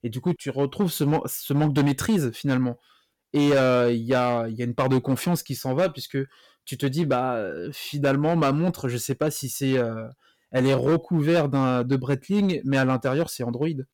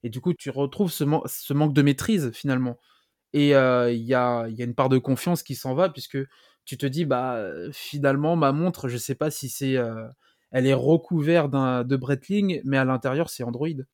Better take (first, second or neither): second